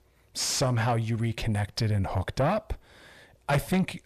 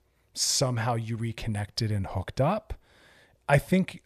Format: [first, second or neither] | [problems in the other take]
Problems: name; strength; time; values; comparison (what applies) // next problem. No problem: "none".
second | distortion; heavy; 7 dB below the speech